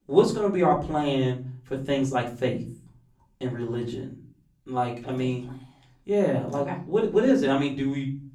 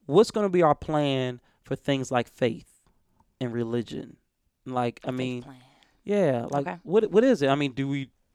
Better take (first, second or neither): second